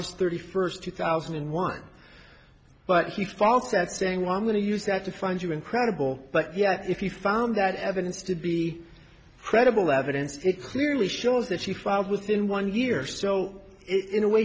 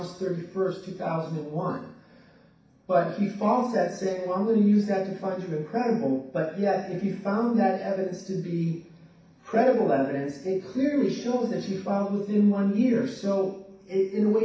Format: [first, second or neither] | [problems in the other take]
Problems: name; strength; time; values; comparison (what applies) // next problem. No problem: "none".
first | room echo; dies away in 0.6 s